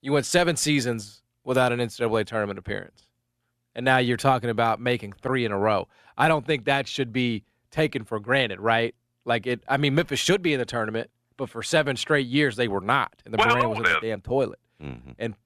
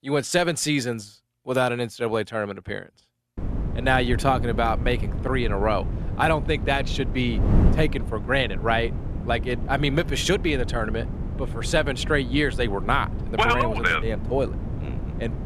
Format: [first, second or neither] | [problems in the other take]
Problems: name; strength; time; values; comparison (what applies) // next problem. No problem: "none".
first | wind noise on the microphone; occasional gusts; from 3.5 s on; 15 dB below the speech